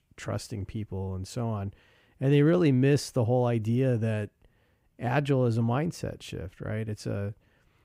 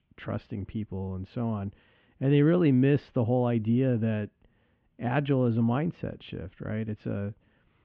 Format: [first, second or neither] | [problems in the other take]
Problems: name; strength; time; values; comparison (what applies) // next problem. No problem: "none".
first | muffled; very; fading above 3.5 kHz